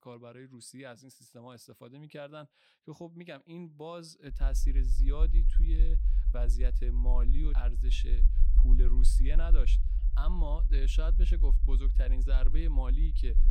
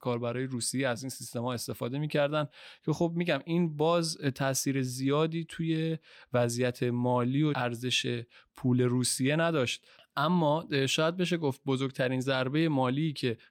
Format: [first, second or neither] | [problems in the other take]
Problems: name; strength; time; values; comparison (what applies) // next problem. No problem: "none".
second | low rumble; loud; from 4.5 s on; 9 dB below the speech